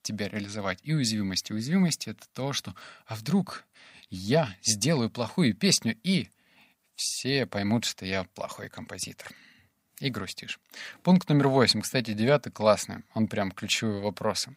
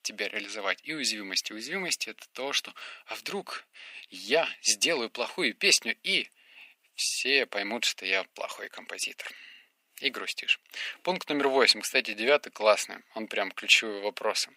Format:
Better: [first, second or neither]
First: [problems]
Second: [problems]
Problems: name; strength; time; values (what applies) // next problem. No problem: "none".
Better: first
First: none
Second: thin; somewhat; fading below 350 Hz